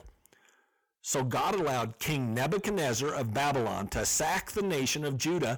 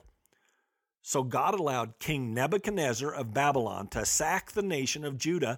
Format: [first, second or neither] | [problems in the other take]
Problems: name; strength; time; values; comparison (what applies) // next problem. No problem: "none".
second | distortion; heavy; 7 dB below the speech